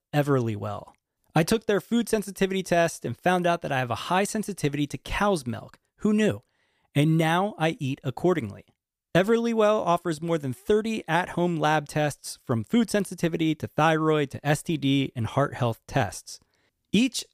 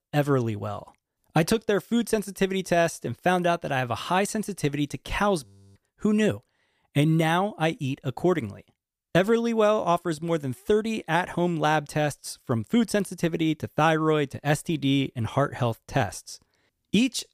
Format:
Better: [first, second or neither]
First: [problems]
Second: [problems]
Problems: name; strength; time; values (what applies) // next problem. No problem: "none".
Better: first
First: none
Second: audio freezing; at 5.5 s